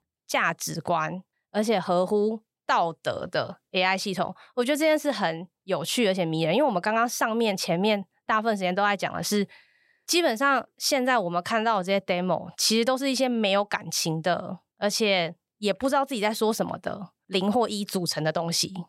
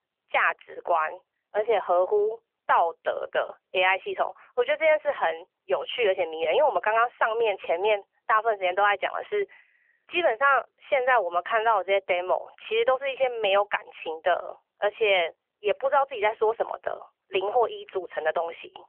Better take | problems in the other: first | phone-call audio; nothing above 3 kHz

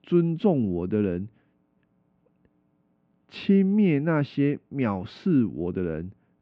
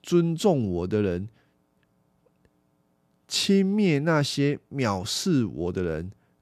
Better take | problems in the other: second | muffled; very; fading above 2.5 kHz

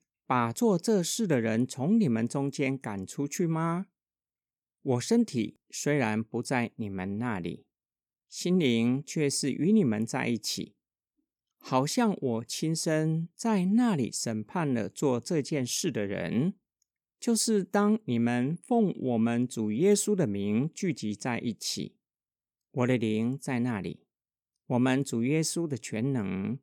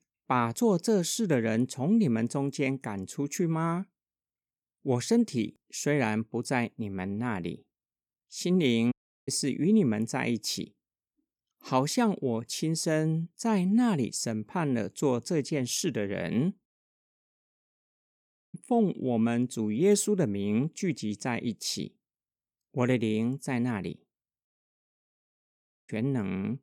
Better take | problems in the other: first | audio cutting out; at 9 s, at 17 s for 2 s and at 24 s for 1.5 s

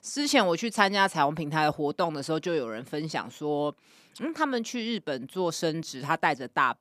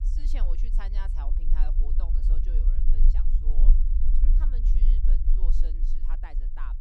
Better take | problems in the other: first | low rumble; loud; throughout; 3 dB below the speech

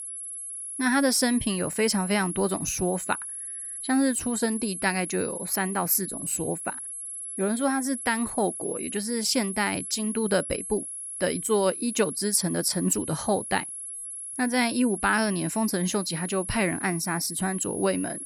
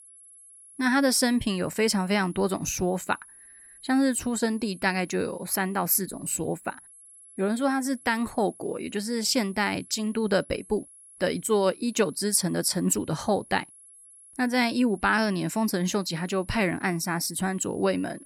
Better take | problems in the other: second | high-pitched whine; loud; throughout; 11 kHz, 7 dB below the speech; faint in the second

